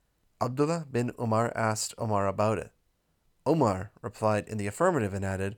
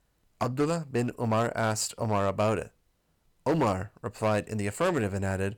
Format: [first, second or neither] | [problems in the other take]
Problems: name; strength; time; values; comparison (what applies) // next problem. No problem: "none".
first | distortion; slight; 6% of the sound clipped